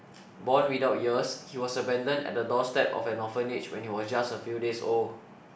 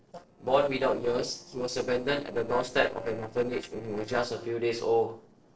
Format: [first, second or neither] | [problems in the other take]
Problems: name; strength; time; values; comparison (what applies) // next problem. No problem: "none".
first | noise reduction (neural separator model SepFormer DNS4)